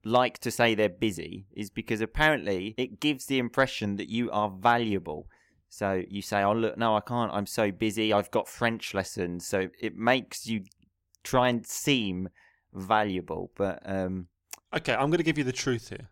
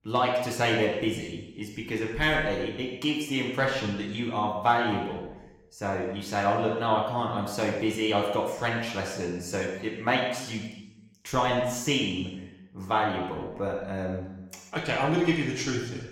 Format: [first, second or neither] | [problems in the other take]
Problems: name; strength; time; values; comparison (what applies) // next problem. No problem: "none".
first | room echo; noticeable; dies away in 0.9 s // off-mic speech; far